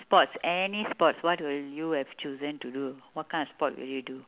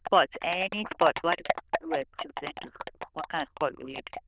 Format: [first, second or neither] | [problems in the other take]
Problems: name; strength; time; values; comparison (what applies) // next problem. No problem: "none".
first | noise reduction (neural diffusion model UNIVERSE++)